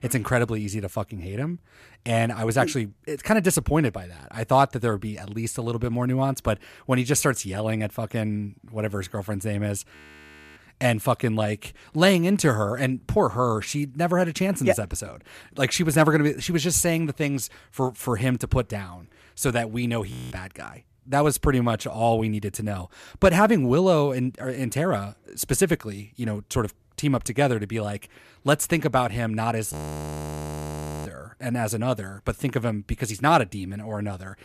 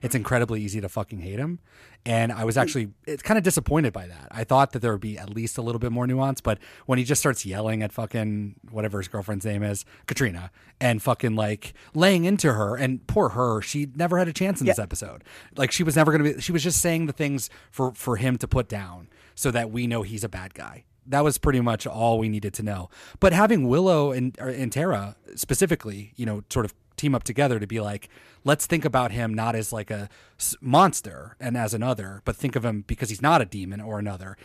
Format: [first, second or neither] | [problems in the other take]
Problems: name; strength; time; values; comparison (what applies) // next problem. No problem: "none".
second | audio freezing; at 10 s for 0.5 s, at 20 s and at 30 s for 1.5 s